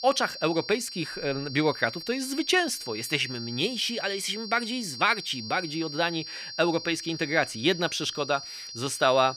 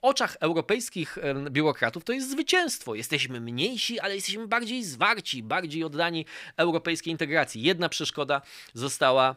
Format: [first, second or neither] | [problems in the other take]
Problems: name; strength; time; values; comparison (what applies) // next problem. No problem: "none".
second | high-pitched whine; loud; throughout; 4.5 kHz, 9 dB below the speech